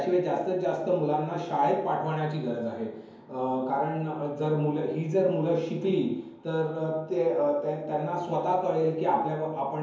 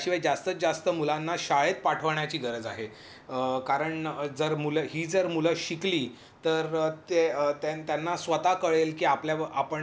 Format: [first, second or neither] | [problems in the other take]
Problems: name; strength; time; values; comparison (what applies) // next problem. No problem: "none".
second | room echo; dies away in 0.9 s